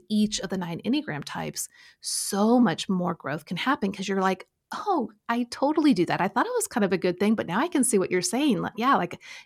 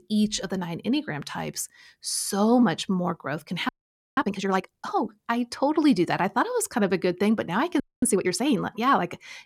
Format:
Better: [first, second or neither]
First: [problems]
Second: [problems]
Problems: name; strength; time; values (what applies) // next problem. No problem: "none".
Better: first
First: none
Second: audio freezing; at 3.5 s and at 8 s